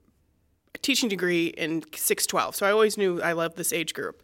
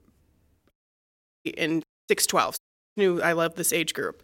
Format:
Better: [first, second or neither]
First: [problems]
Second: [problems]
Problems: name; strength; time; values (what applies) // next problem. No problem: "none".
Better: first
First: none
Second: audio cutting out; at 0.5 s for 0.5 s, at 2 s and at 2.5 s